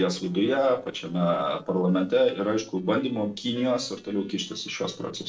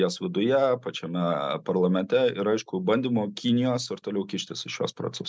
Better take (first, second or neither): second